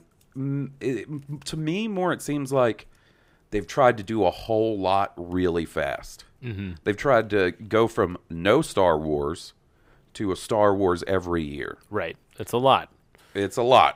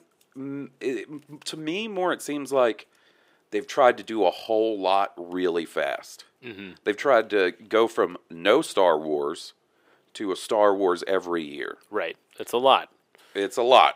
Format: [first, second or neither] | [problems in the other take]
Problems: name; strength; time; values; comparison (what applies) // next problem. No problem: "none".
first | thin; very slightly; fading below 350 Hz